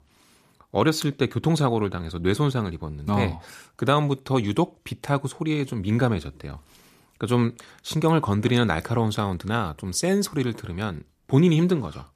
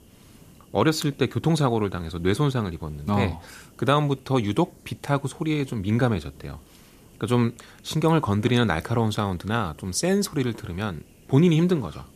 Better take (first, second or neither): first